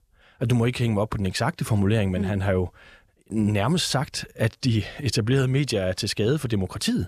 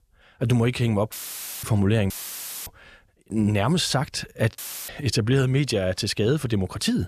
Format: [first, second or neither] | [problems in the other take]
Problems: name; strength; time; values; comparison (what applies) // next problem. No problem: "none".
first | audio cutting out; filled with static; at 1 s for 0.5 s, at 2 s for 0.5 s and at 4.5 s